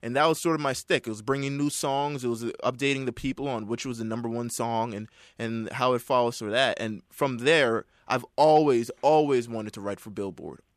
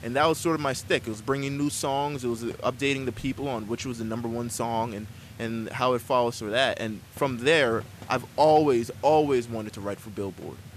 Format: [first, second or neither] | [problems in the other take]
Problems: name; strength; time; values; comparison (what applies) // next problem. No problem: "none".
first | hiss; noticeable; throughout; 20 dB below the speech